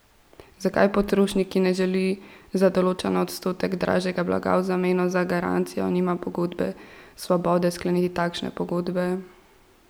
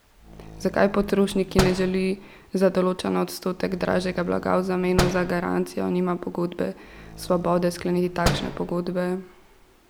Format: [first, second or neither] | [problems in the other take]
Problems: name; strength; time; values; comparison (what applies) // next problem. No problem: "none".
first | background sound (Slam); 9 dB below the speech